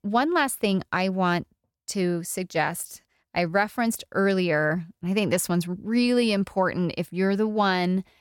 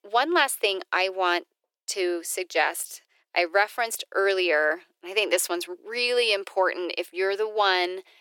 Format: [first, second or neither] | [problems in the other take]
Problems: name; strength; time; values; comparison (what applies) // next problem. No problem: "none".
first | thin; very; fading below 350 Hz